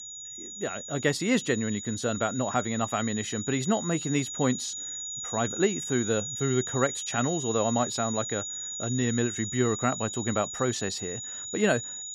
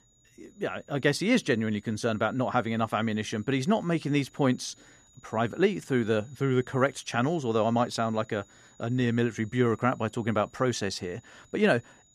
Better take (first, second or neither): second